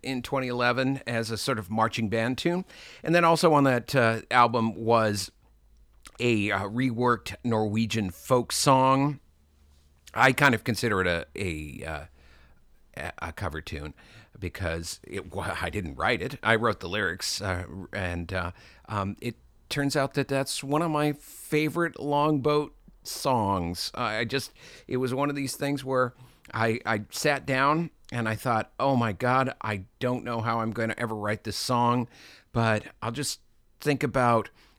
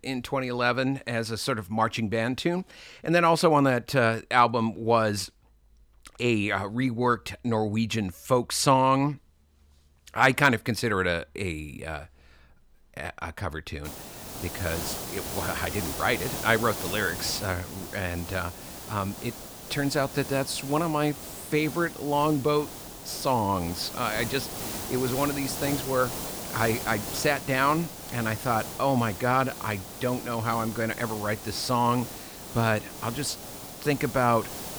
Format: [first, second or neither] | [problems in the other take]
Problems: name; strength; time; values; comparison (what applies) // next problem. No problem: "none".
first | hiss; loud; from 14 s on; 9 dB below the speech